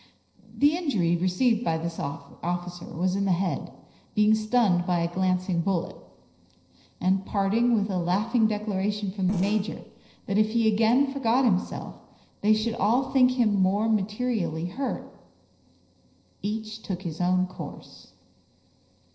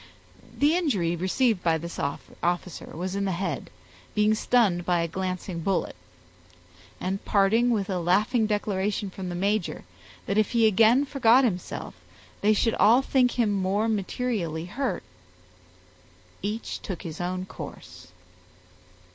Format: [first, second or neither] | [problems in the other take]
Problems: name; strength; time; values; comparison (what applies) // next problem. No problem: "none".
second | noise reduction (neural separator model SepFormer DNS4)